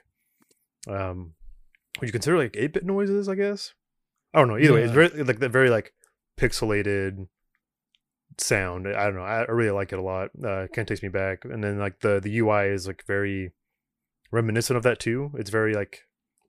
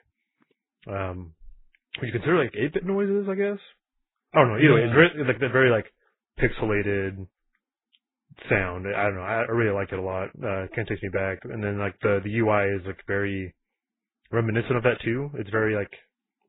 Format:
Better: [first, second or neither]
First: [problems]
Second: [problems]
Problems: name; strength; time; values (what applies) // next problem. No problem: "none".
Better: first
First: none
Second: garbled, watery; badly; nothing above 3.5 kHz